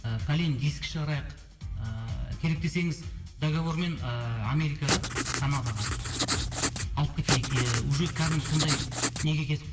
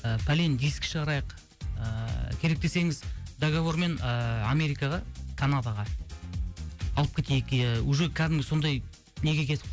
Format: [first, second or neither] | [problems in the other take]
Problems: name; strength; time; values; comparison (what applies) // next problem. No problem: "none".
second | background sound (Writing); 1 dB below the speech // room echo; dies away in 0.8 s